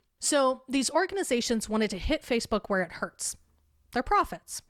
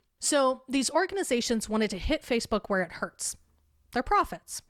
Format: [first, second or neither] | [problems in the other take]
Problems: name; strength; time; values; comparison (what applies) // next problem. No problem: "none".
neither | none